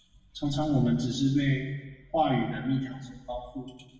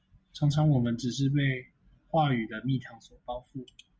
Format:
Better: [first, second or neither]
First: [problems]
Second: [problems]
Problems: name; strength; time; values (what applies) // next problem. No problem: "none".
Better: second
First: room echo; dies away in 1.1 s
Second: none